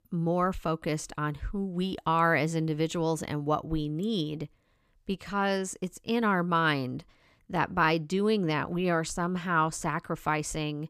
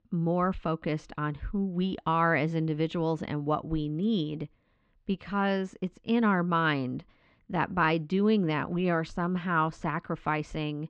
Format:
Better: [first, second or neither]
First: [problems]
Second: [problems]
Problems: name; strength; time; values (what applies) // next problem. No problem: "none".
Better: first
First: none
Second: muffled; slightly; fading above 3.5 kHz